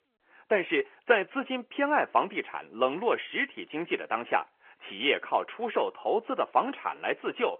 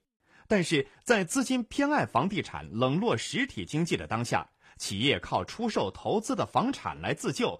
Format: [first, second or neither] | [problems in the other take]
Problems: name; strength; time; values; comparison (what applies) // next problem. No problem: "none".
second | phone-call audio; nothing above 3 kHz